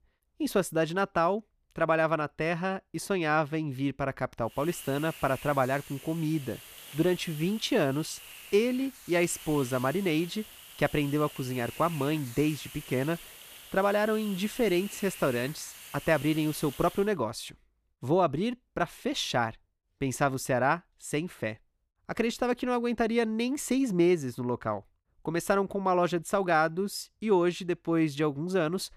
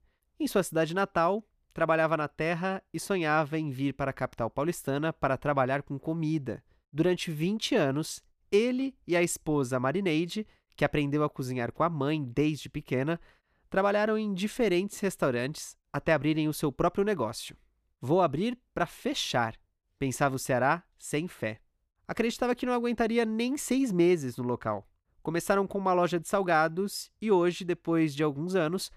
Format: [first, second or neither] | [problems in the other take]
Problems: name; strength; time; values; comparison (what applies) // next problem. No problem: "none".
second | hiss; noticeable; from 4.5 to 17 s; 15 dB below the speech